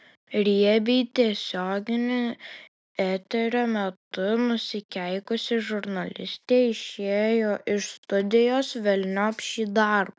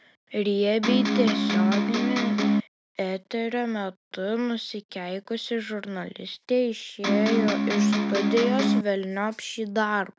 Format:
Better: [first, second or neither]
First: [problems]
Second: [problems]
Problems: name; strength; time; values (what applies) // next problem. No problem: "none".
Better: first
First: none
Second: background sound (Electric guitar); 5 dB above the speech